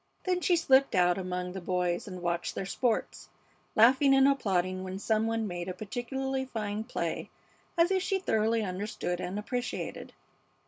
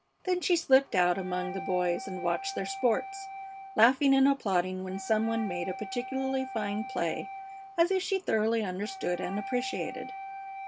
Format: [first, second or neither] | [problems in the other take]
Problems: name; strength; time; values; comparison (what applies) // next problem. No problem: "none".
first | background sound (Wind instrument, woodwind instrument); 12 dB below the speech